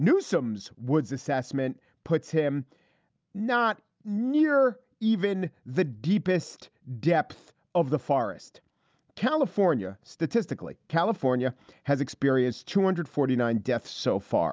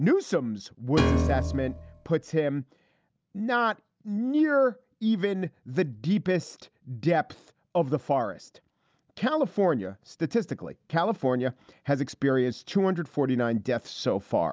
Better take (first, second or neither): first